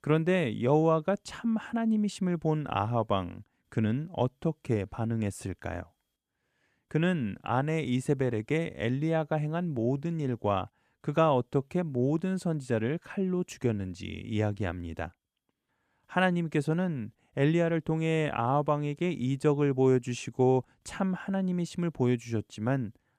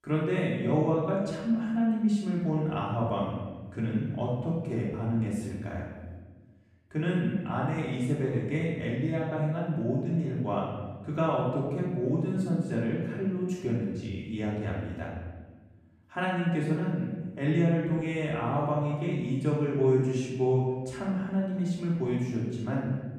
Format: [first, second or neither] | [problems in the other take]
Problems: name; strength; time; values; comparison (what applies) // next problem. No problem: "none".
first | off-mic speech; far // room echo; noticeable; dies away in 1.3 s